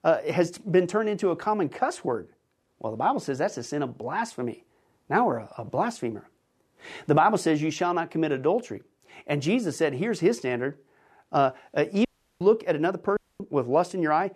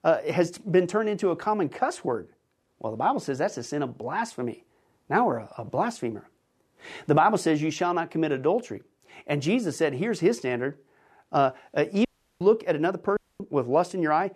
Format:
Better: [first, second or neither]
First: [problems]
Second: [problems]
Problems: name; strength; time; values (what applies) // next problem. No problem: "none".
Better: neither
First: audio cutting out; at 12 s and at 13 s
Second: audio cutting out; at 12 s and at 13 s